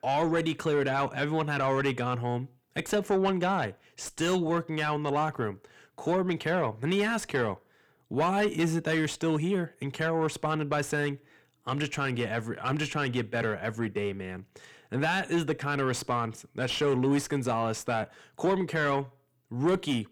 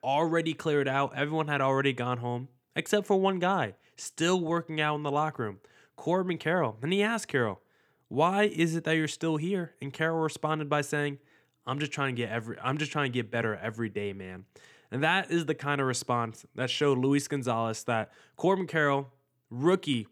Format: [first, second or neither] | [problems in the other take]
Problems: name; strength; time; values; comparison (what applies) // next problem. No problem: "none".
second | distortion; slight; 10 dB below the speech